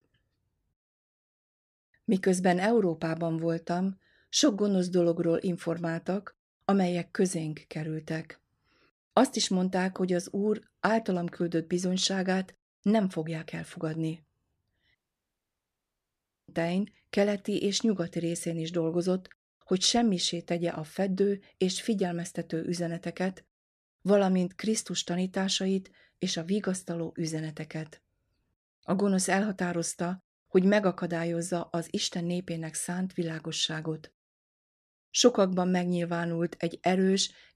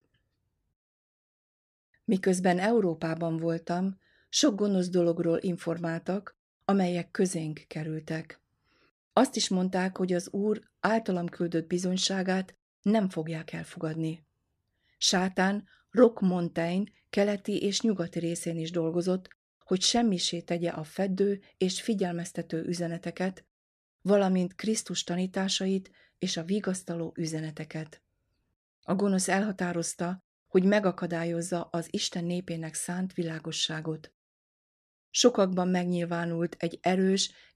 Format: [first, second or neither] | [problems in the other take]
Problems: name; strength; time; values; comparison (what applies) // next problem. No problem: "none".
second | audio cutting out; at 15 s for 1.5 s